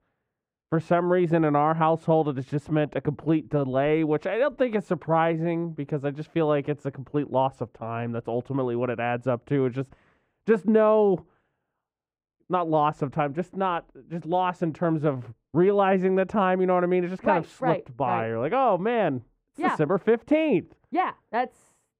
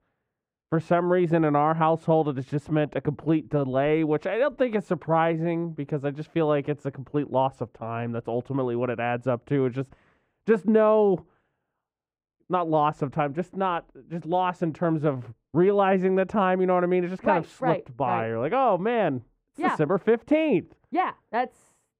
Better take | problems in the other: neither | muffled; very; fading above 3 kHz; the same in both

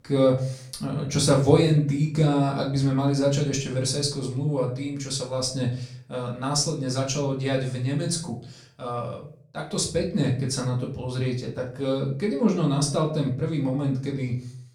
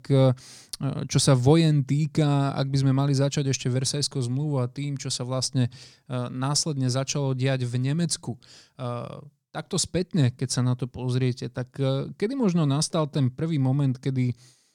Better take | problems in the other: second | room echo; slight; dies away in 0.4 s // off-mic speech; far

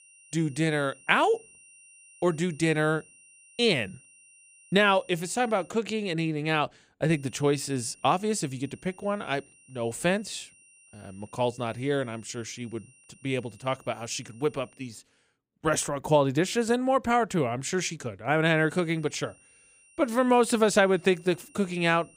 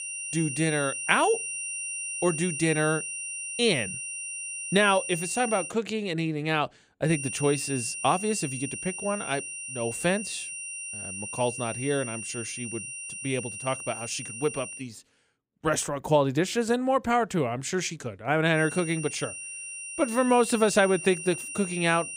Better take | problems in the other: first | high-pitched whine; loud; until 5.5 s, from 7 to 15 s and from 19 s on; 9 kHz, 6 dB below the speech; faint in the first

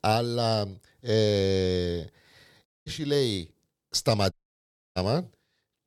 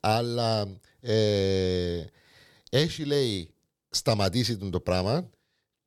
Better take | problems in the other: second | audio cutting out; at 2.5 s and at 4.5 s for 0.5 s

